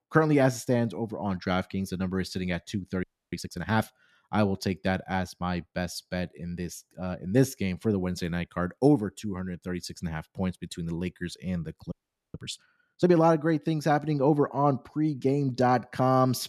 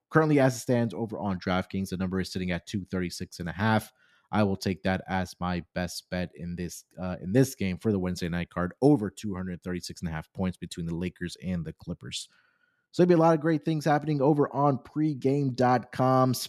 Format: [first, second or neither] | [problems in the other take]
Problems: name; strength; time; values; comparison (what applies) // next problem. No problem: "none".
second | audio freezing; at 3 s and at 12 s